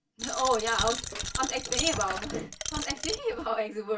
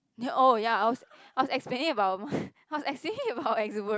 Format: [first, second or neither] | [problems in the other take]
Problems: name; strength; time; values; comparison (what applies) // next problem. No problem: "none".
second | background sound (Coin (dropping)); 3 dB below the speech // room echo; dies away in 0.2 s